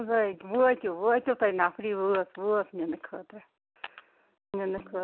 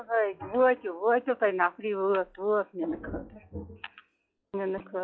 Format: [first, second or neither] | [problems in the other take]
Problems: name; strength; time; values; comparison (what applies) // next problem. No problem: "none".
first | noise reduction (classical method log-MMSE)